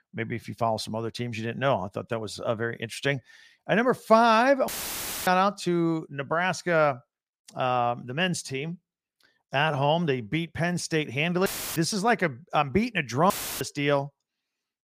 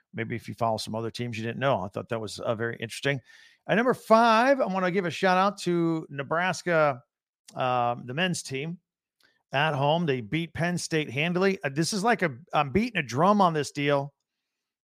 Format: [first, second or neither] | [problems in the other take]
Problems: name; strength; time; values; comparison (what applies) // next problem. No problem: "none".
second | audio cutting out; filled with static; at 4.5 s for 0.5 s, at 11 s and at 13 s